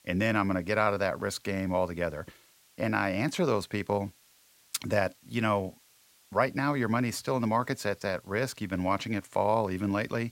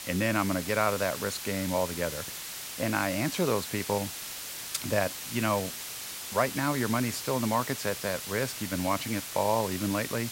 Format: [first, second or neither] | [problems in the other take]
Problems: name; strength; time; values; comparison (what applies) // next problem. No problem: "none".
first | hiss; loud; throughout; 6 dB below the speech; faint in the first